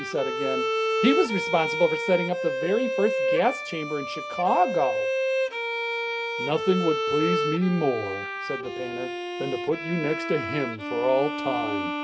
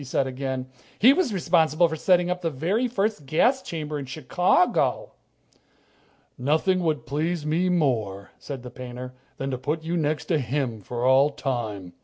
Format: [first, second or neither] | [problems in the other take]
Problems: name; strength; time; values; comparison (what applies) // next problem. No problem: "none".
second | background sound (Bowed string instrument); 1 dB below the speech // room echo; dies away in 0.3 s